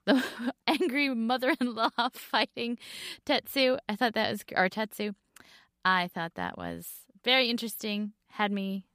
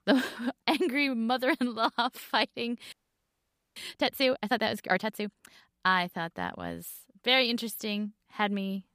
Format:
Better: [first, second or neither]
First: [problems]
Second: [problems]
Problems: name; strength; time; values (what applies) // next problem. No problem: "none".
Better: first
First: none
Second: audio freezing; at 3 s for 1 s